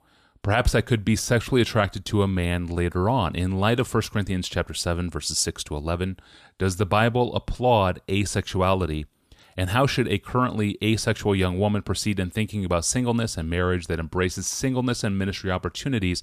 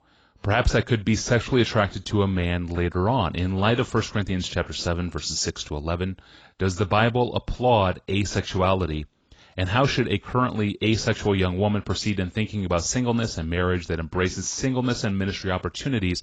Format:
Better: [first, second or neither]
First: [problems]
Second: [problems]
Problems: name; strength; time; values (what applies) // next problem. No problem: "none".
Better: first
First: none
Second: garbled, watery; badly; nothing above 7.5 kHz